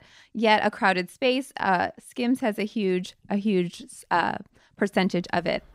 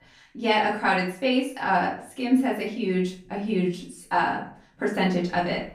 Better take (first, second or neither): first